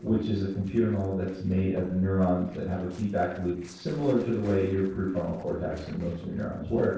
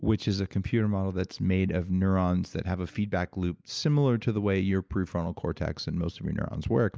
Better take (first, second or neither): second